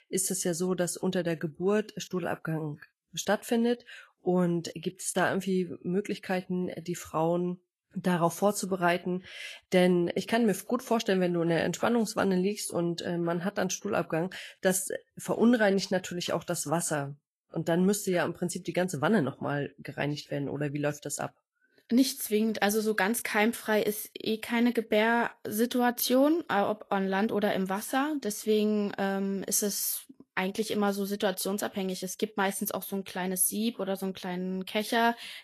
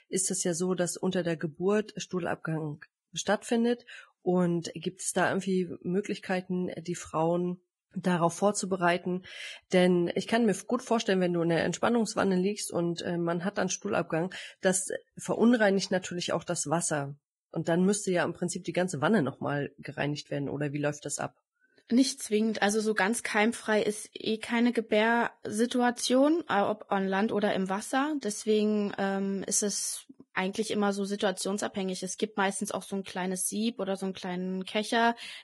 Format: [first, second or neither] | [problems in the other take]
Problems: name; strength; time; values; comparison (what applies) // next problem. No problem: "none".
first | garbled, watery; badly; nothing above 11.5 kHz; slightly in the first